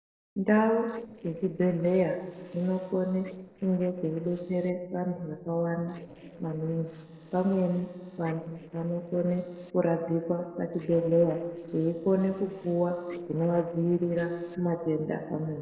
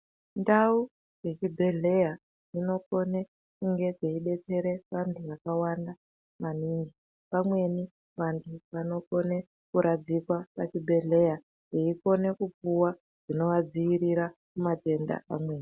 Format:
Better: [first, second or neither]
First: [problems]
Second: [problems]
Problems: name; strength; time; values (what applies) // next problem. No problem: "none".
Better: second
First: noise reduction (neural separator model SepFormer DNS4)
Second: none